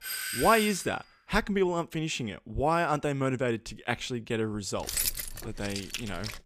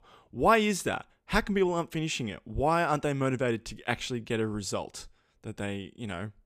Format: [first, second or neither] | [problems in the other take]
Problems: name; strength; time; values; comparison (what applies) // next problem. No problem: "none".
second | doorbell; noticeable; at the start; peak 2 dB below the speech // jangling keys; loud; from 5 s on; peak 1 dB above the speech